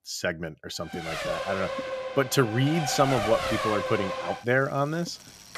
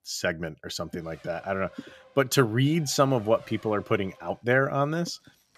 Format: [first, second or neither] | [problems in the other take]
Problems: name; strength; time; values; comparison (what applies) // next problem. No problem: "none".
second | traffic noise; loud; from 1 s on; 4 dB below the speech; faint in the second